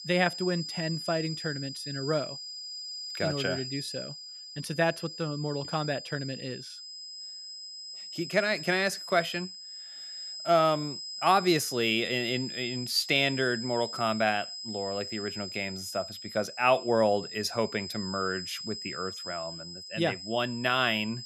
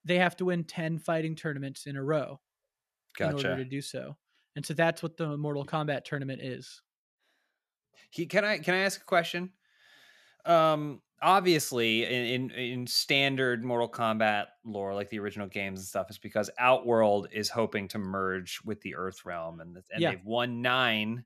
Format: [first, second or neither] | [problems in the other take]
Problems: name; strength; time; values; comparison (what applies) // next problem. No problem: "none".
second | high-pitched whine; loud; throughout; 5 kHz, 8 dB below the speech